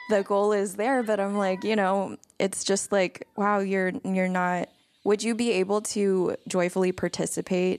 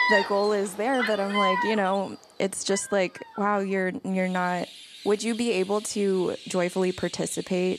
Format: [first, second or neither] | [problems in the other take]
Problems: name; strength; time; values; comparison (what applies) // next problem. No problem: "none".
first | animal sounds; loud; throughout; 6 dB below the speech; faint in the first